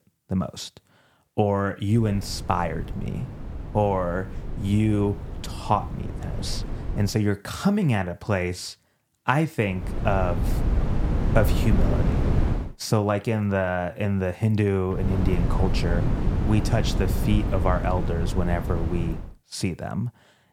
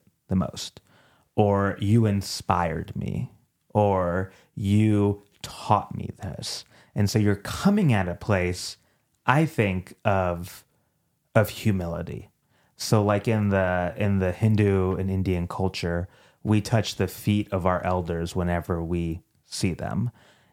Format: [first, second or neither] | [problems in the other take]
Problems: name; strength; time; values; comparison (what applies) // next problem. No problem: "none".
second | wind noise on the microphone; heavy; from 2 to 7 s, from 10 to 13 s and from 15 to 19 s; 8 dB below the speech